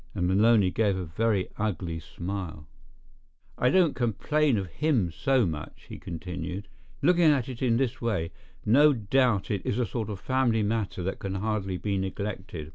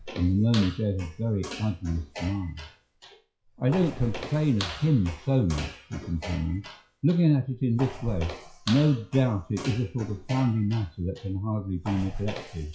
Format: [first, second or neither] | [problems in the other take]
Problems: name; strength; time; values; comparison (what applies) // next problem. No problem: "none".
first | noise reduction (classical method WPE with log-MMSE)